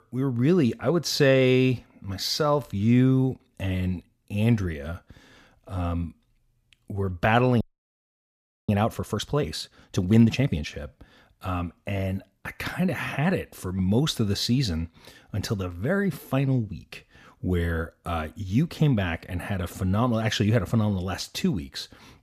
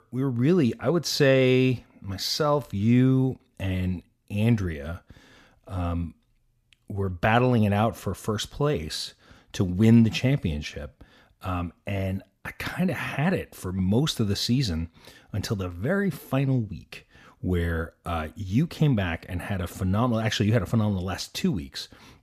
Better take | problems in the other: second | audio freezing; at 7.5 s for 1 s

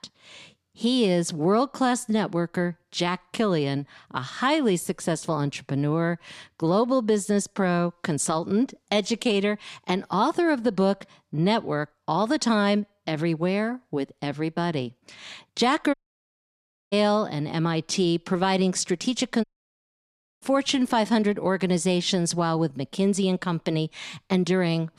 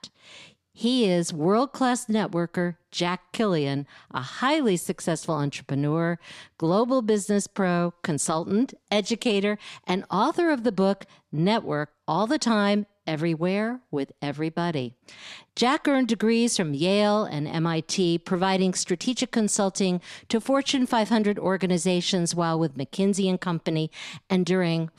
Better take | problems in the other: second | audio cutting out; at 16 s for 1 s and at 19 s for 1 s

